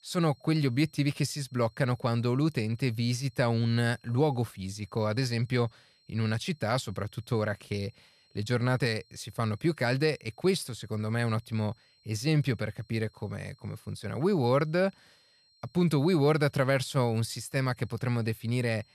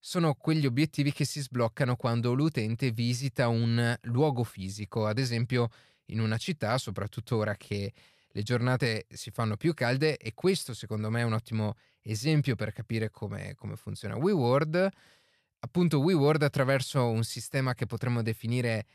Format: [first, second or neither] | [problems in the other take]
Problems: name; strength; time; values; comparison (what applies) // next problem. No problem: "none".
second | high-pitched whine; faint; throughout; 4 kHz, 35 dB below the speech